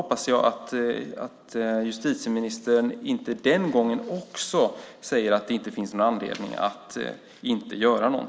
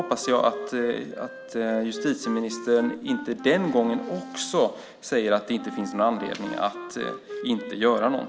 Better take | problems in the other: first | background sound (Wind instrument, woodwind instrument); 13 dB below the speech

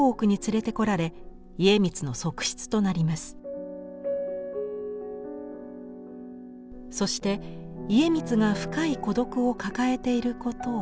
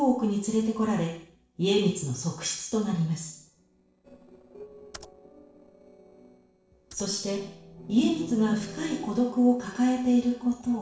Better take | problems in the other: first | noise reduction (neural separator model SepFormer DNS4)

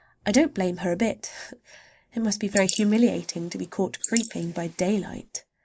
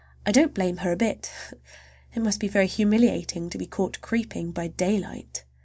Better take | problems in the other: second | noise reduction (neural mask model Resemble Enhance denoiser)

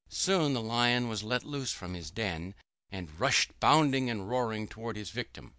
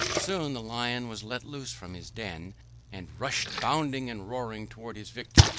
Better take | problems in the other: first | background sound (Splash, splatter); 3 dB above the speech

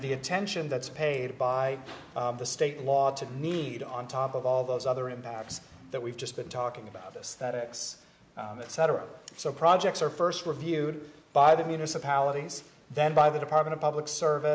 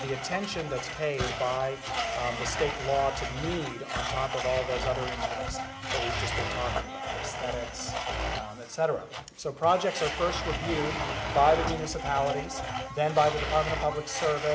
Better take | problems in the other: first | background sound (Domestic sounds, home sounds); 3 dB below the speech

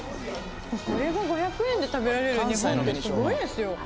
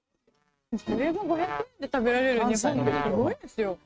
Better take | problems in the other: first | noise reduction (neural mask model RNNoise)

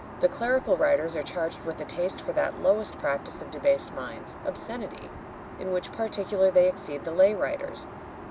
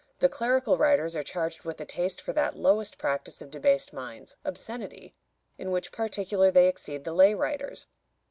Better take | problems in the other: second | background sound (Aircraft); 13 dB below the speech

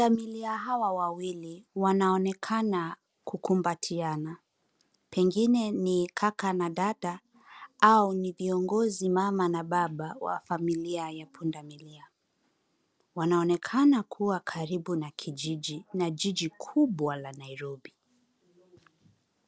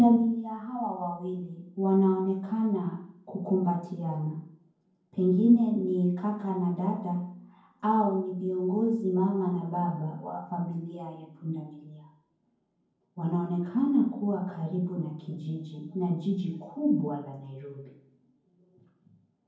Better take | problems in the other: first | room echo; dies away in 0.9 s

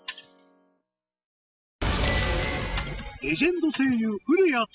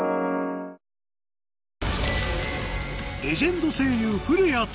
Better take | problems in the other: second | noise reduction (classical method spectral subtraction)

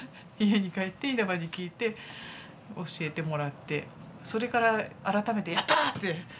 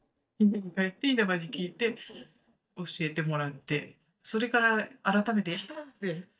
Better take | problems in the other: first | noise reduction (neural mask model DeepFilterNet 3)

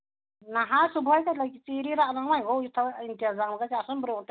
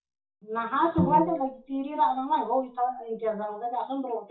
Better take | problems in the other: first | noise reduction (classical method WPE with log-MMSE)

